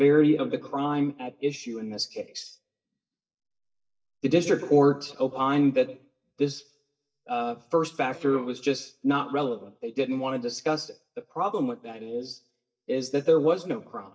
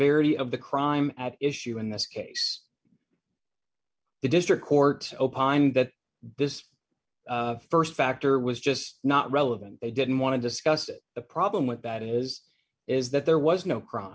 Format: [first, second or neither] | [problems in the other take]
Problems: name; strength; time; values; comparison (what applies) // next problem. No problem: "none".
second | noise reduction (neural mask model DeepFilterNet 3)